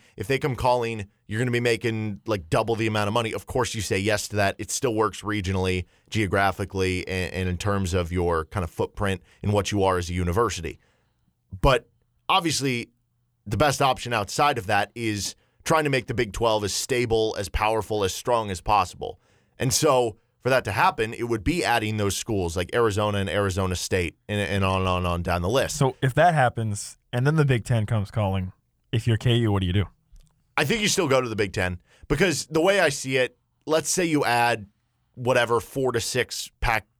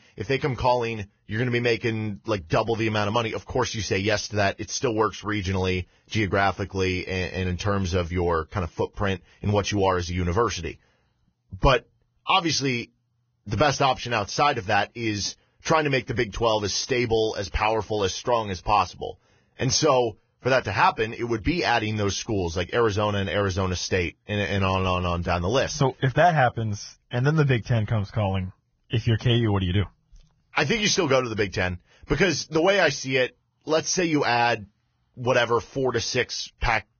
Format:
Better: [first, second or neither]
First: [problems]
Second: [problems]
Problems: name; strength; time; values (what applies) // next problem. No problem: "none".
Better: first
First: none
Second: garbled, watery; badly; nothing above 6.5 kHz